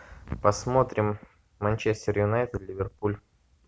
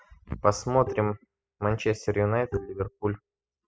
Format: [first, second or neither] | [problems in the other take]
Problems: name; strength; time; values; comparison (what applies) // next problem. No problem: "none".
first | noise reduction (classical method spectral subtraction)